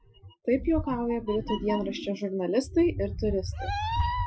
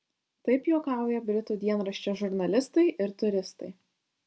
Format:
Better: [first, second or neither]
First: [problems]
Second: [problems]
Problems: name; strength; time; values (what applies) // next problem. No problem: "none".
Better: second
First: noise reduction (classical method Wiener filter)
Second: none